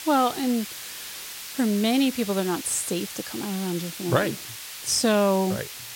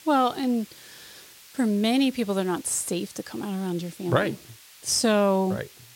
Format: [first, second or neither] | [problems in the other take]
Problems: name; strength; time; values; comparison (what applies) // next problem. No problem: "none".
second | hiss; loud; throughout; 10 dB below the speech; faint in the second